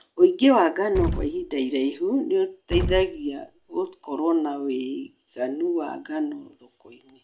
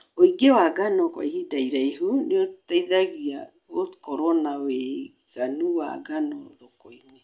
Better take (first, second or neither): second